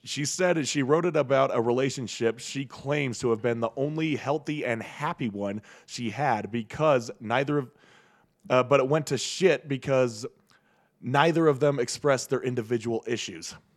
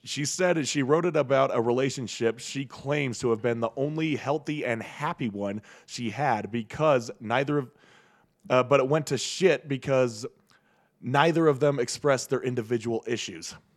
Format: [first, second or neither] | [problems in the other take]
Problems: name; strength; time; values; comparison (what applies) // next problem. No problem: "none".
neither | none